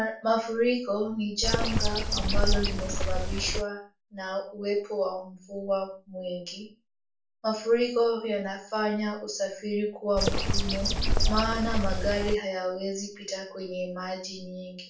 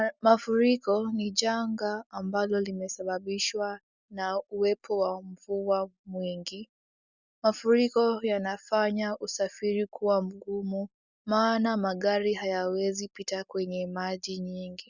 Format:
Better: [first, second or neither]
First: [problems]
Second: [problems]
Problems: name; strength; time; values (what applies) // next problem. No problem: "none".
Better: second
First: background sound (Bird); 5 dB above the speech // room echo; dies away in 0.3 s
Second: none